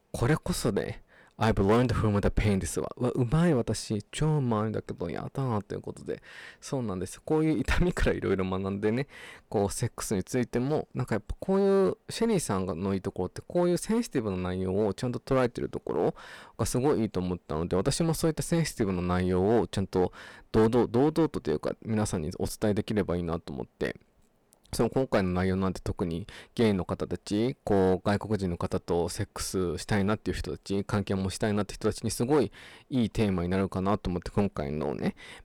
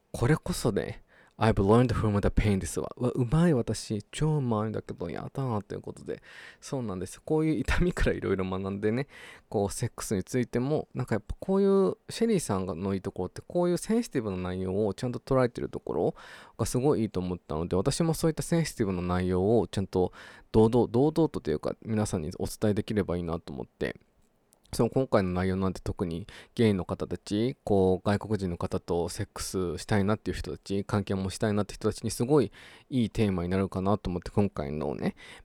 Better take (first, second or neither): second